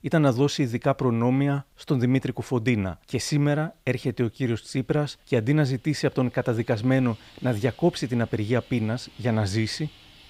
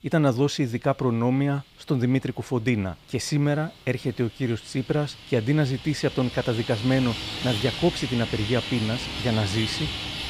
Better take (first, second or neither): first